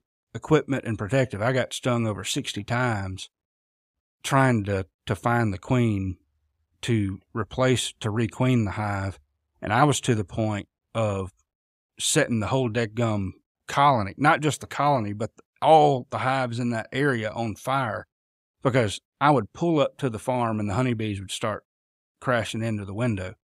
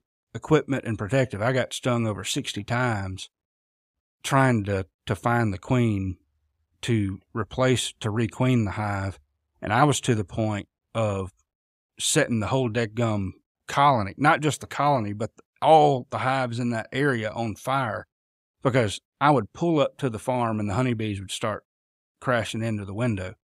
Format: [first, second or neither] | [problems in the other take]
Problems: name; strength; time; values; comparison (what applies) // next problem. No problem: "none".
neither | none